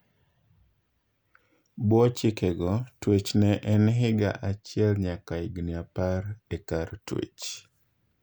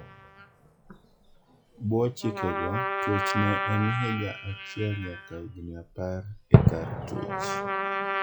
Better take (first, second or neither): first